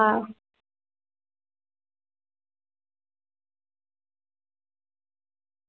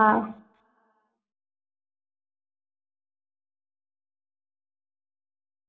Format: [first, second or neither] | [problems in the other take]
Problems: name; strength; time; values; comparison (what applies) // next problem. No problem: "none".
first | room echo; dies away in 0.4 s